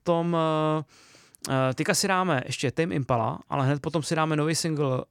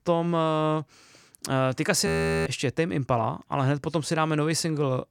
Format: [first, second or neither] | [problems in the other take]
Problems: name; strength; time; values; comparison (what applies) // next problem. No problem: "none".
first | audio freezing; at 2 s